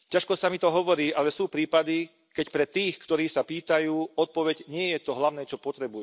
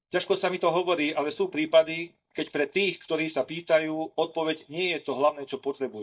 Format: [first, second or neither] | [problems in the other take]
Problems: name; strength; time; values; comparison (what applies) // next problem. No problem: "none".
first | noise reduction (neural mask model DeepFilterNet 3)